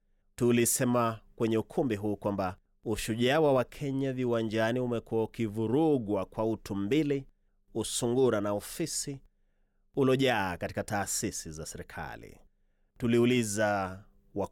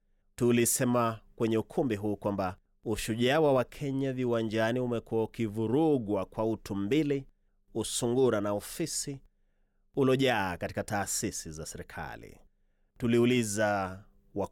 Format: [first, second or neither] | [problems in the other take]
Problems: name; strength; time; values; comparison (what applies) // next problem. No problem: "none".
neither | none